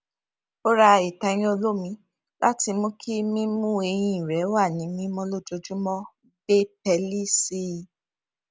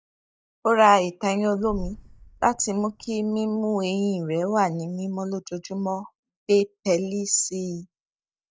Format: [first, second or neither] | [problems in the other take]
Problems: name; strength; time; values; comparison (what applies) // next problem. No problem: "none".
first | noise reduction (neural mask model DeepFilterNet 3)